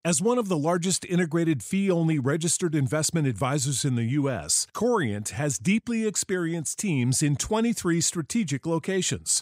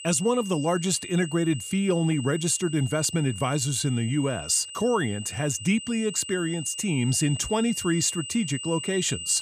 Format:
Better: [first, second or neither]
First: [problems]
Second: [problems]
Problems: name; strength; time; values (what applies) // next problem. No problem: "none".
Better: first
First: none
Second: high-pitched whine; noticeable; throughout; 3 kHz, 10 dB below the speech